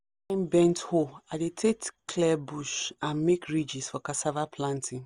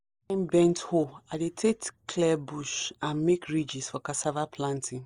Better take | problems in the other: first | noise reduction (neural mask model Resemble Enhance denoiser)

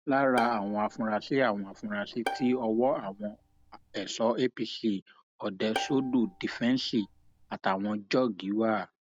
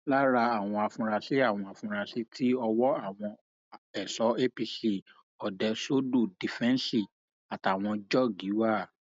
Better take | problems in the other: second | background sound (Bowed string instrument); 12 dB below the speech

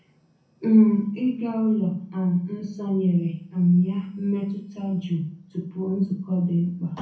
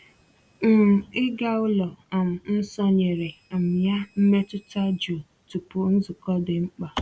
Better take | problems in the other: second | room echo; dies away in 0.5 s

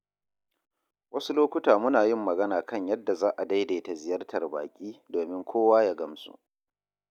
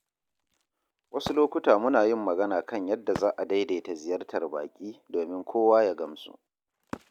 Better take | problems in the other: first | background sound (Wood); 20 dB below the speech

